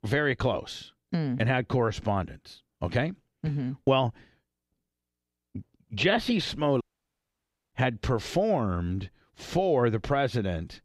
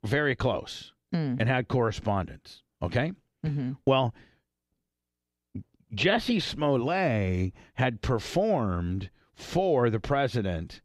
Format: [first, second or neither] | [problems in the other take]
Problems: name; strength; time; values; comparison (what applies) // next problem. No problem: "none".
second | audio cutting out; at 7 s for 1 s